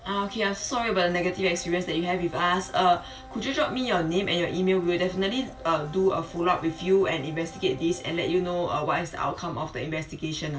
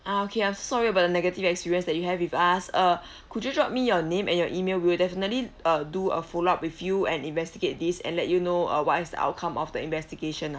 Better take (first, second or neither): second